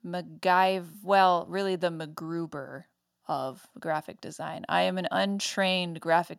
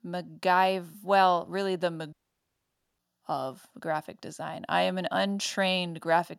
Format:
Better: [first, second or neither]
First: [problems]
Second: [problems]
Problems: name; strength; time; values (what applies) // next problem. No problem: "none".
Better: first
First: none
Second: audio cutting out; at 2 s for 1 s